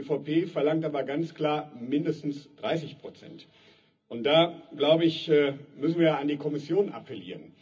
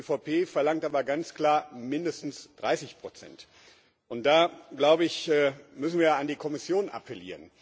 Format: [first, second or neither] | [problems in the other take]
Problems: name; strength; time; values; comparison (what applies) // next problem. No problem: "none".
second | room echo; dies away in 0.4 s